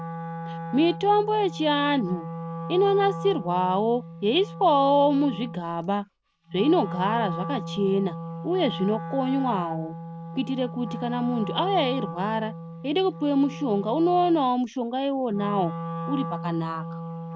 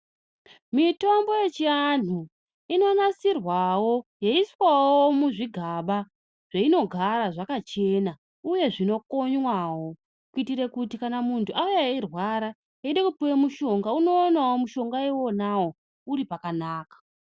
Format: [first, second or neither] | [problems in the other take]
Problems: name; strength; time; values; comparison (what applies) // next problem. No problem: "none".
second | background sound (Wind instrument, woodwind instrument); 9 dB below the speech